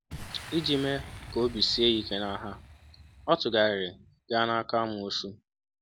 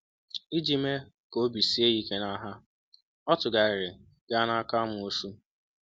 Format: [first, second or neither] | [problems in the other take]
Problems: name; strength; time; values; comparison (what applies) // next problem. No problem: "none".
second | background sound (Boom); 17 dB below the speech